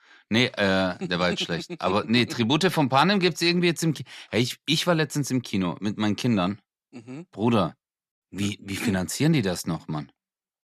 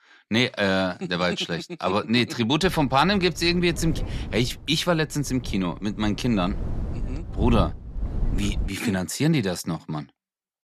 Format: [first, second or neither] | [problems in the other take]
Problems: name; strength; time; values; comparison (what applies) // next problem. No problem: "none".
first | wind noise on the microphone; occasional gusts; from 2.5 to 8.5 s; 20 dB below the speech